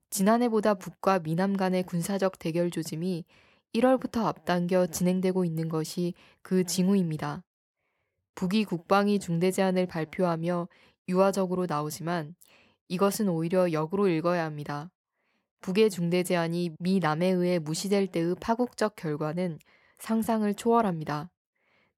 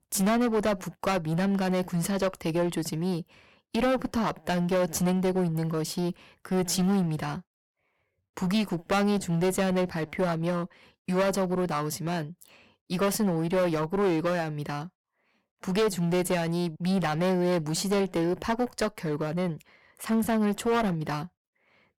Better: first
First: none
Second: distortion; heavy; 13% of the sound clipped

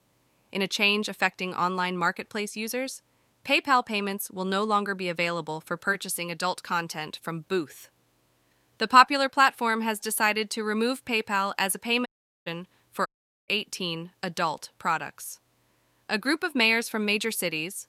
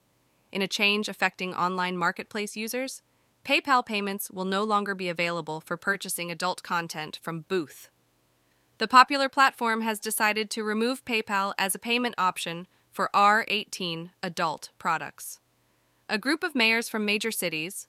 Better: second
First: audio cutting out; at 12 s and at 13 s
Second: none

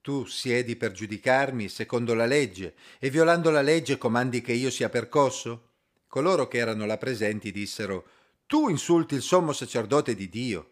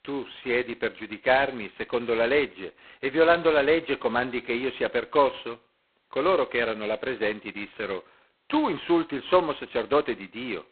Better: first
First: none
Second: phone-call audio; poor line; nothing above 4 kHz

